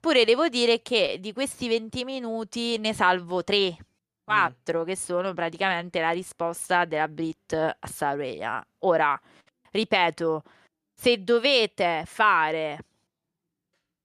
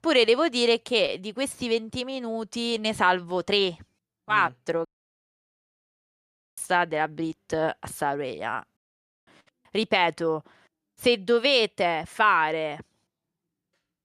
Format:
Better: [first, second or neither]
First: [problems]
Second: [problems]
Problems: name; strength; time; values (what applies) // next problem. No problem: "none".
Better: first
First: none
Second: audio cutting out; at 5 s for 1.5 s and at 9 s for 0.5 s